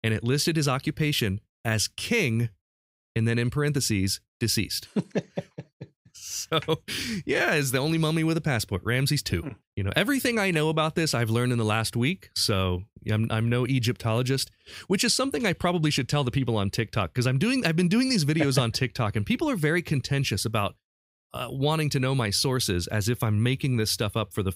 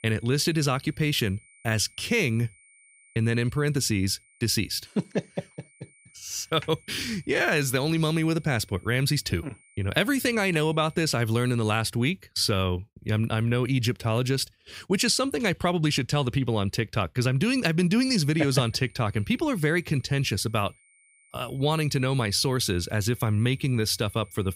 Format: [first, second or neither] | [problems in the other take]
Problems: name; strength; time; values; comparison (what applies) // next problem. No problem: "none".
first | high-pitched whine; faint; until 11 s and from 18 s on; 2 kHz, 30 dB below the speech